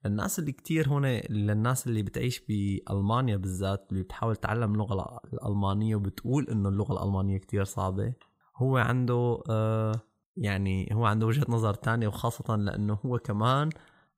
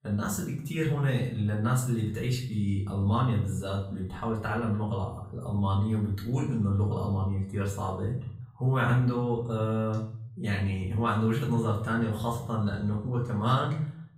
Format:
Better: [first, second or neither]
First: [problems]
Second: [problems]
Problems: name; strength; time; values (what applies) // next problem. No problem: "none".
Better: first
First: none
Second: off-mic speech; far // room echo; slight; dies away in 0.5 s